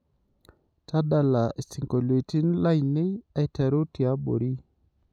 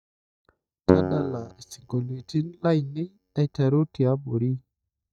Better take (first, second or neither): first